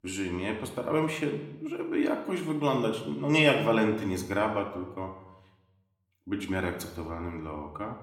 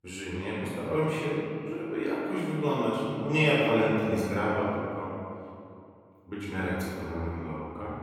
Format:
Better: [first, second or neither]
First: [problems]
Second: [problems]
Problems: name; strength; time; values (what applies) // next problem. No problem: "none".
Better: first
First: room echo; slight; dies away in 0.8 s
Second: room echo; strong; dies away in 2.3 s // off-mic speech; far